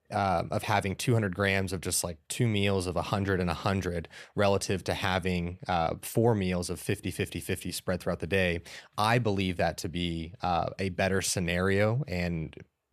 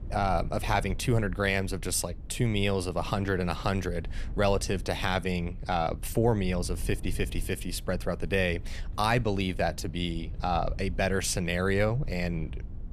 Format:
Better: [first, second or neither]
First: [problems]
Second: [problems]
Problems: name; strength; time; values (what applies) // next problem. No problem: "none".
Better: first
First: none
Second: low rumble; faint; throughout; 25 dB below the speech